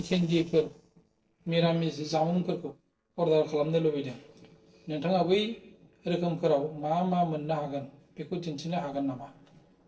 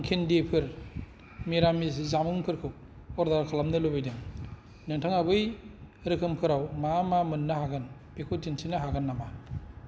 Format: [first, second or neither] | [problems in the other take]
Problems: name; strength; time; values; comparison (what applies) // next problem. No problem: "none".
second | noise reduction (neural separator model SepFormer DNS4)